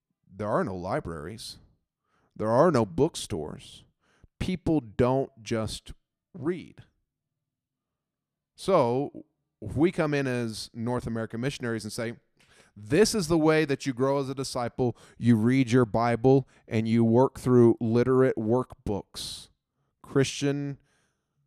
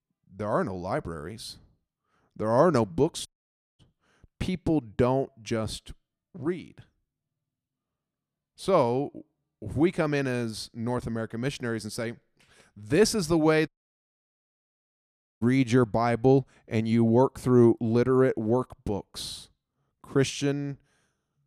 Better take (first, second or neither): first